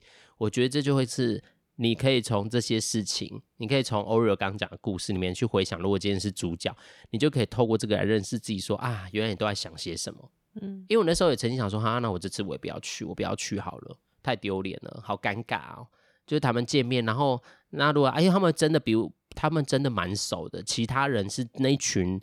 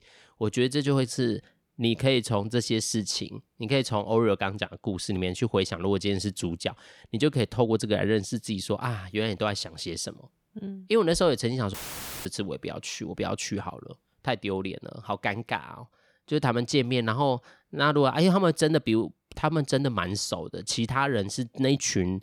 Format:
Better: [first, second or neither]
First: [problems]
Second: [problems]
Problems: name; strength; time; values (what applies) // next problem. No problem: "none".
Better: first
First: none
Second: audio cutting out; filled with static; at 12 s for 0.5 s